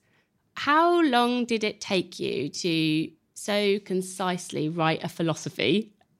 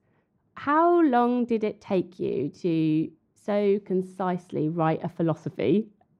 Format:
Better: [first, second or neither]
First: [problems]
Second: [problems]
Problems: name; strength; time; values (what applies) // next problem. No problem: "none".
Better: first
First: none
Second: muffled; very; fading above 2 kHz